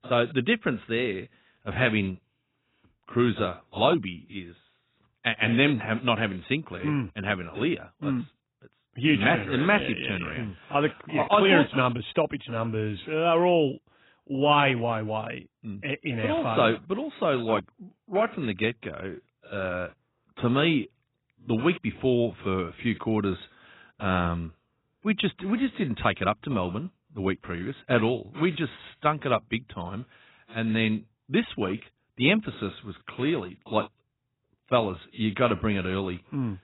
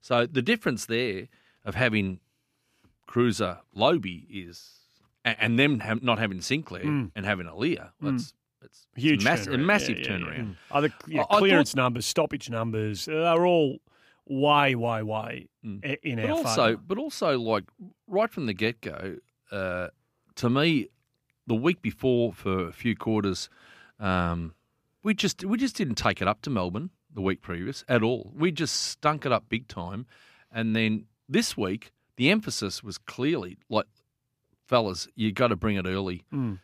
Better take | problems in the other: second | garbled, watery; badly; nothing above 4 kHz

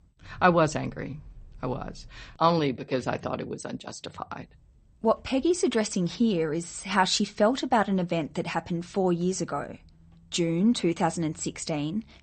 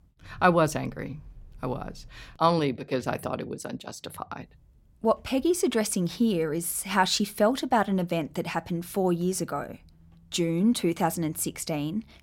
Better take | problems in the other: second | garbled, watery; slightly; nothing above 8.5 kHz

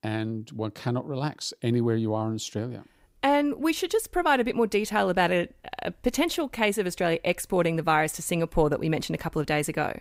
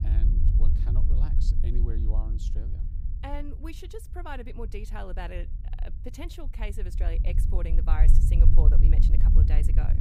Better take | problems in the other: first | low rumble; loud; throughout; 2 dB below the speech

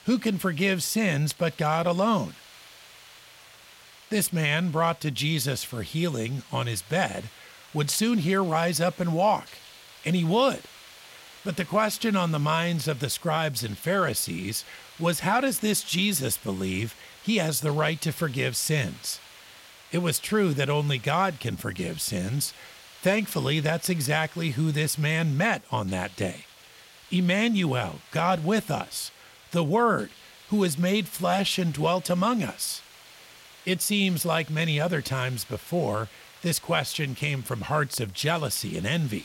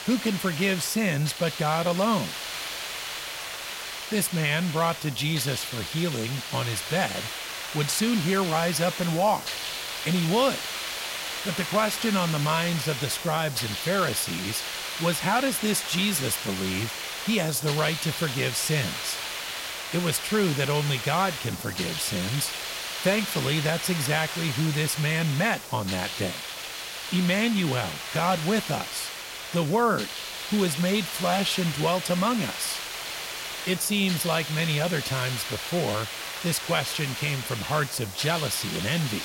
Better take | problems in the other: first | hiss; loud; throughout; 5 dB below the speech; faint in the first

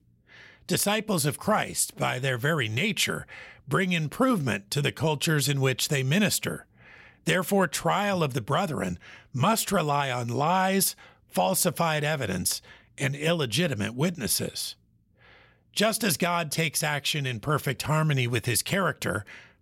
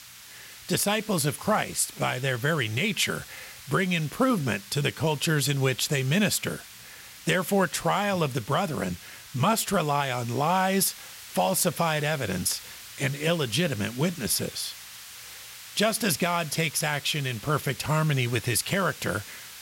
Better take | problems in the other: first | hiss; noticeable; throughout; 15 dB below the speech

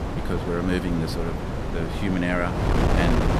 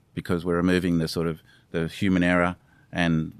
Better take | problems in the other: second | wind noise on the microphone; heavy; as loud as the speech

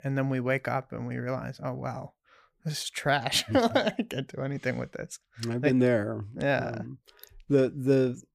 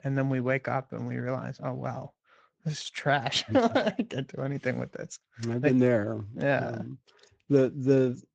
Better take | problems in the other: first | garbled, watery; slightly

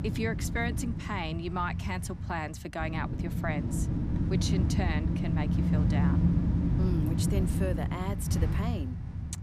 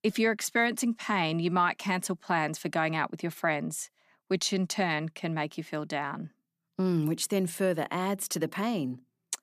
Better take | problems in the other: second | wind noise on the microphone; heavy; 3 dB below the speech

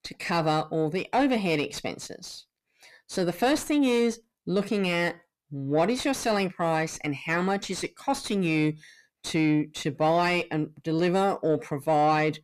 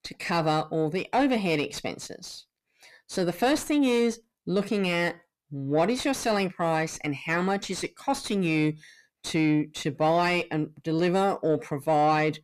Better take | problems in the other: neither | distortion; slight; 10 dB below the speech; the same in both

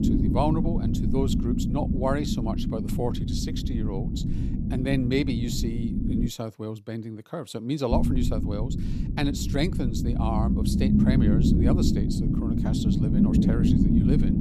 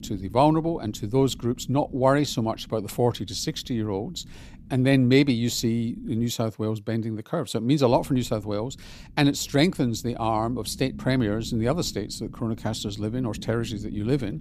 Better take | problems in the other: second | low rumble; loud; until 6.5 s and from 8 s on; as loud as the speech; faint in the second

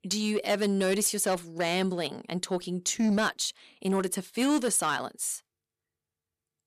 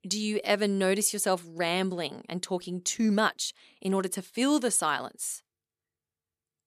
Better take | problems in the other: second | distortion; slight; 10 dB below the speech

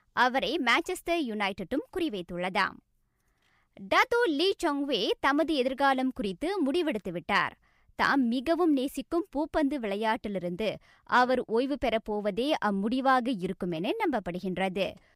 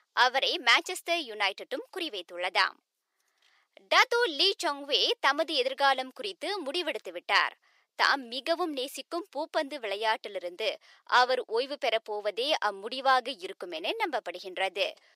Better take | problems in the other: first | thin; very; fading below 400 Hz

